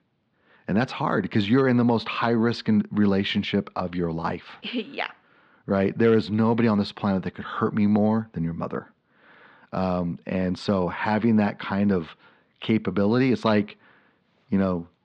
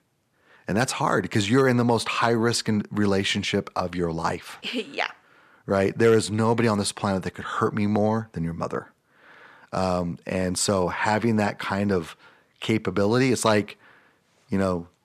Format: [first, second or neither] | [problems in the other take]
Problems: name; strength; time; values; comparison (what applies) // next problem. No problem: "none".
second | muffled; very slightly; fading above 4 kHz